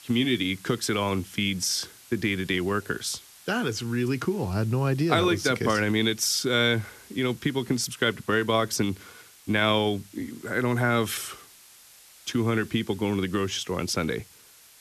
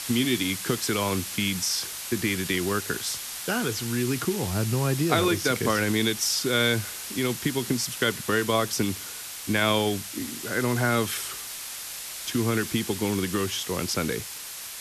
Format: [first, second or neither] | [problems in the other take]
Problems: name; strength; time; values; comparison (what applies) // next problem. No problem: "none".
first | hiss; loud; throughout; 7 dB below the speech; faint in the first